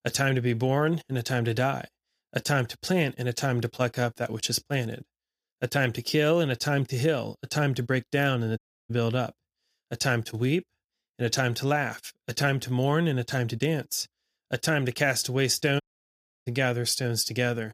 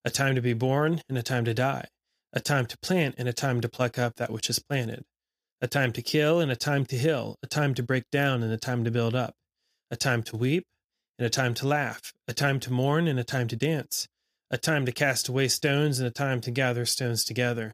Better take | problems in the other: second | audio cutting out; at 8.5 s and at 16 s for 0.5 s

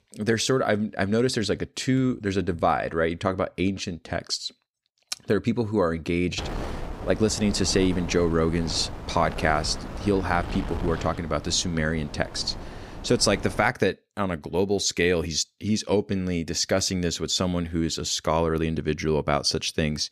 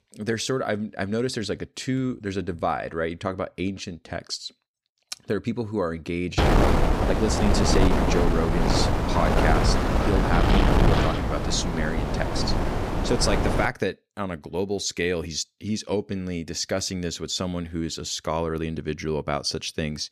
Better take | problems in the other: first | wind noise on the microphone; heavy; from 6.5 to 14 s; 3 dB above the speech; occasional gusts in the first

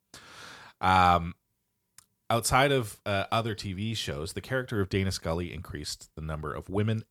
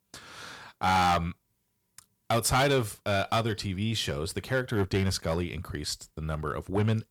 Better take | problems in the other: first | distortion; heavy; 5% of the sound clipped

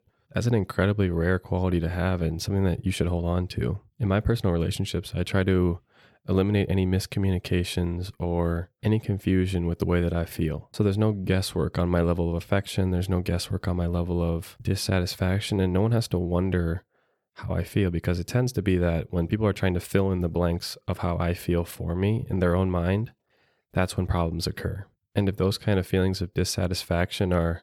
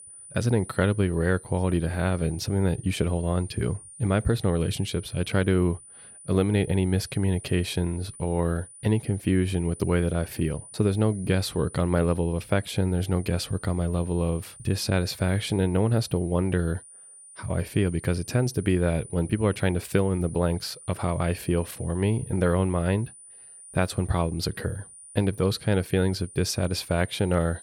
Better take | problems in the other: first | high-pitched whine; noticeable; throughout; 9.5 kHz, 15 dB below the speech

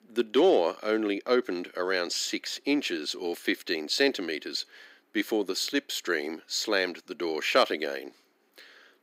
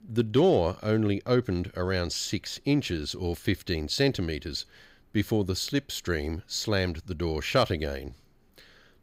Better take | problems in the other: second | thin; somewhat; fading below 250 Hz

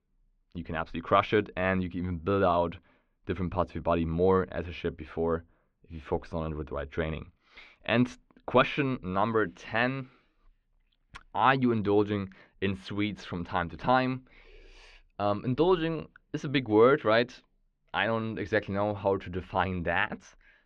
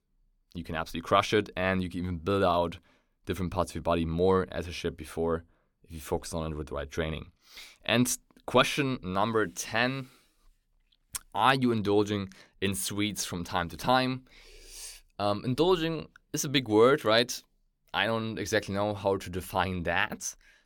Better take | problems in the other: second | muffled; very; fading above 3 kHz

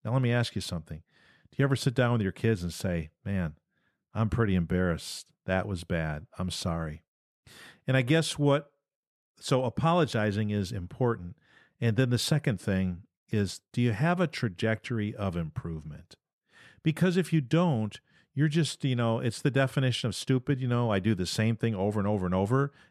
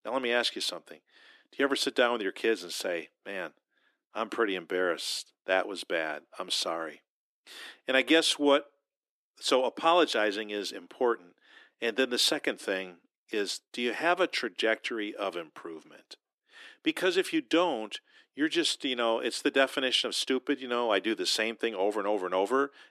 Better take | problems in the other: first | thin; somewhat; fading below 300 Hz

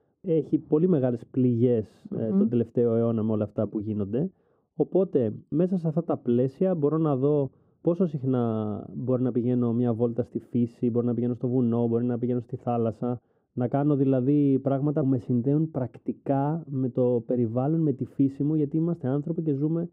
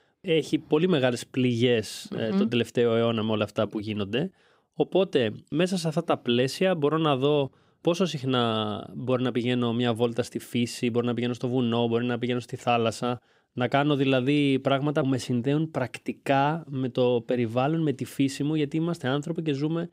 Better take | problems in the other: second | muffled; very; fading above 1 kHz

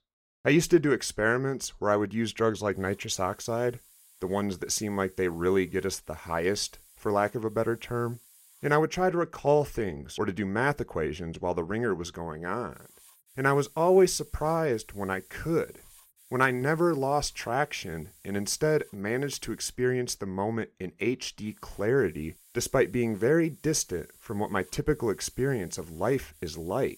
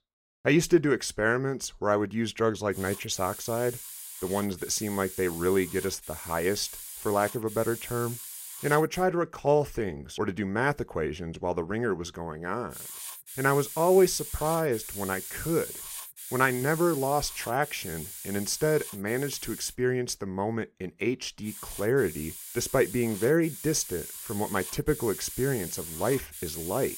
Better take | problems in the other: first | hiss; loud; from 2.5 to 9 s, from 13 to 20 s and from 21 s on; 10 dB below the speech; faint in the first

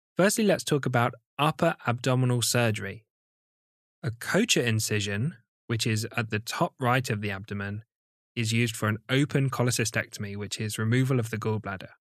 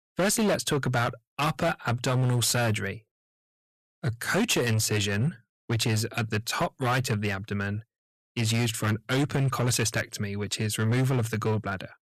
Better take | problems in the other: first | distortion; heavy; 12% of the sound clipped

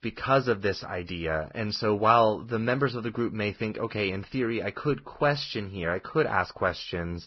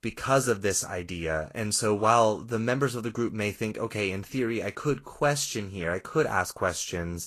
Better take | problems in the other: second | garbled, watery; badly; nothing above 5.5 kHz; slightly in the second

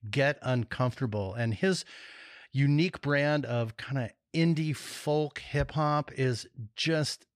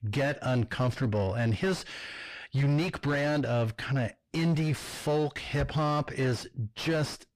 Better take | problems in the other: first | distortion; heavy; 5 dB below the speech

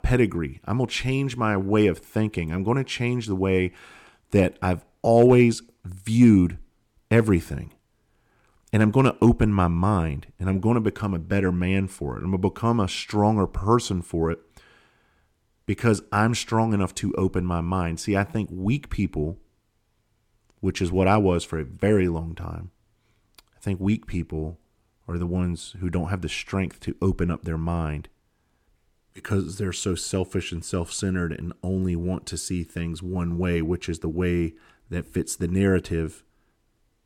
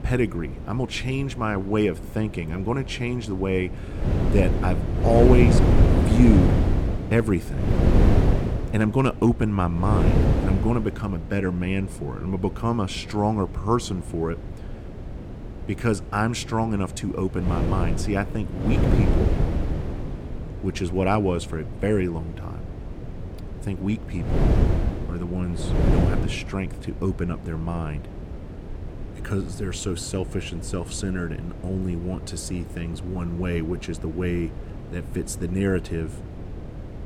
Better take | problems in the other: first | wind noise on the microphone; heavy; 6 dB below the speech

